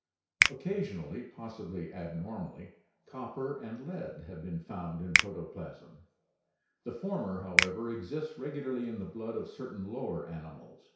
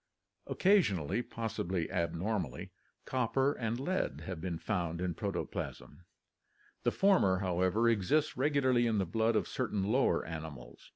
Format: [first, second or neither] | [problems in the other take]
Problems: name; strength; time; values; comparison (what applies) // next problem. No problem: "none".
second | background sound (Finger snapping); 3 dB above the speech // room echo; dies away in 0.6 s